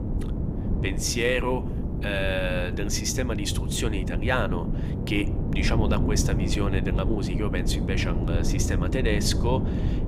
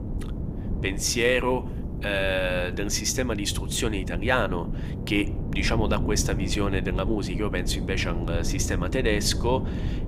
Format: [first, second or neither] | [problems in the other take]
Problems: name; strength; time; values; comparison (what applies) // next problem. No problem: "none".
second | wind noise on the microphone; heavy; 7 dB below the speech; occasional gusts in the second